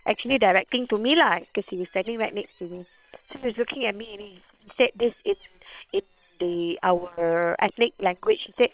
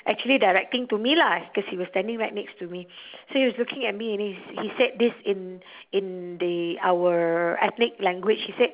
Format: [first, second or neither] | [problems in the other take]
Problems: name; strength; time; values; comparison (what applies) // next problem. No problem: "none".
second | noise reduction (neural separator model SepFormer WHAM!)